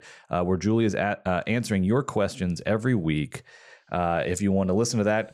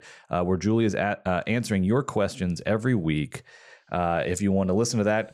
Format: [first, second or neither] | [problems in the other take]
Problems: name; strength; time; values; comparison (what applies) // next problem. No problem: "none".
neither | none